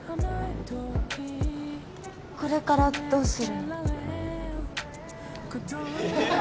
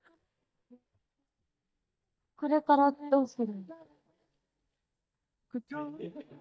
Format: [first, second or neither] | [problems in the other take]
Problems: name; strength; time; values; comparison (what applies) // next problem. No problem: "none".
first | noise reduction (neural mask model DeepFilterNet 3)